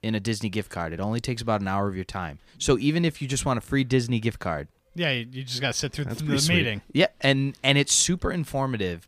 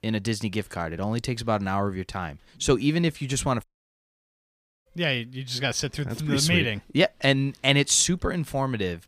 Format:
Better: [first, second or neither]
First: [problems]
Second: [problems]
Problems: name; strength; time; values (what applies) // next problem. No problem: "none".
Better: first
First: none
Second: audio cutting out; at 3.5 s for 1 s